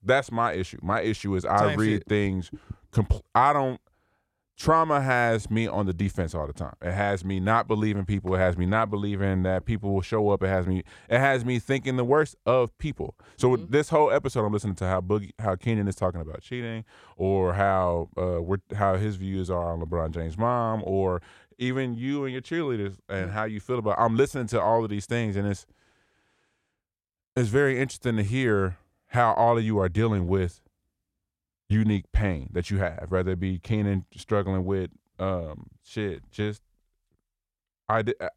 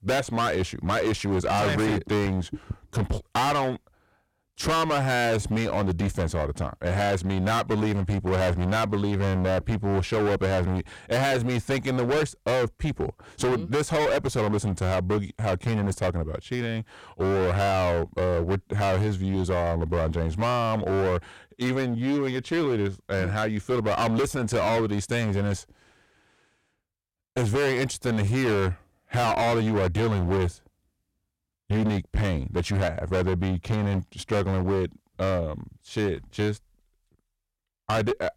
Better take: first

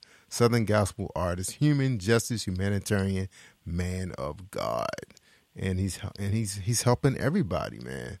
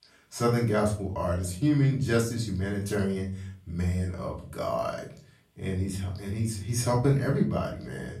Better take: first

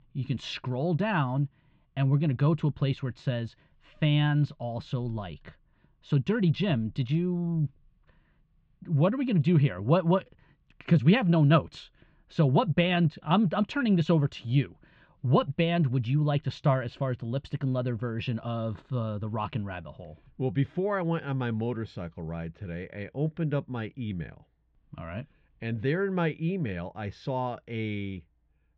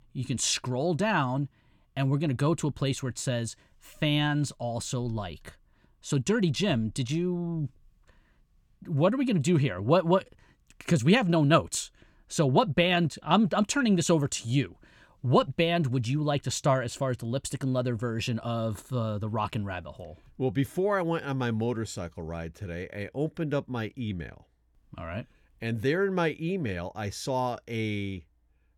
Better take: second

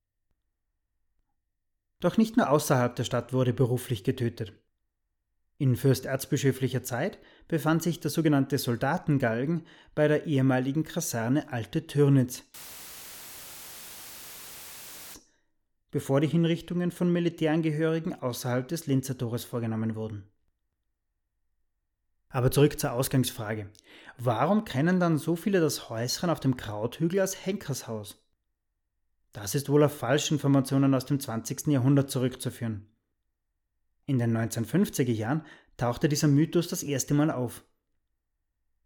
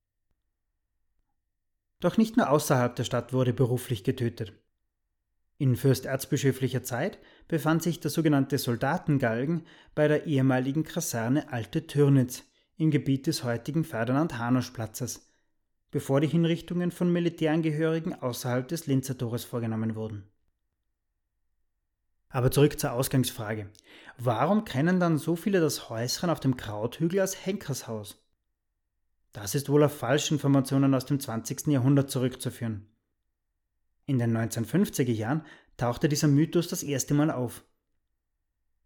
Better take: second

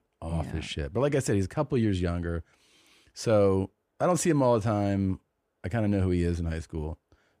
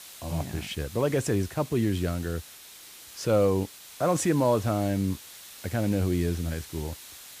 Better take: first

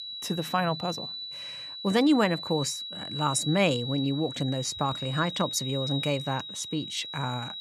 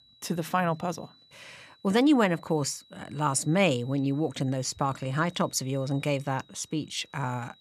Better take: second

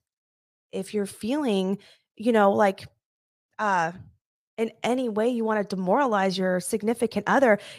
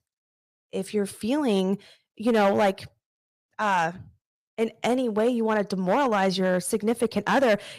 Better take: first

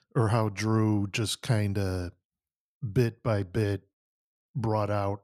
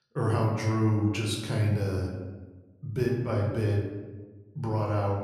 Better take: first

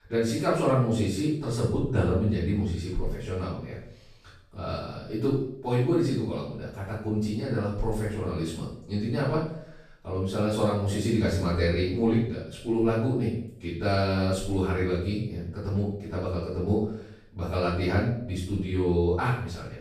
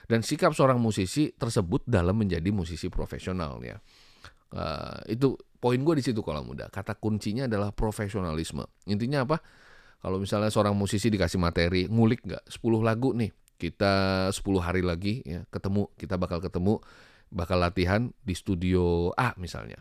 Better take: second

